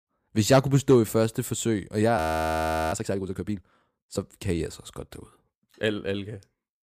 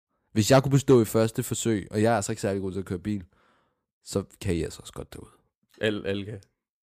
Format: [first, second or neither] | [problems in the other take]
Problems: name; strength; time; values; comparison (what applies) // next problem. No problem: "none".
second | audio freezing; at 2 s for 0.5 s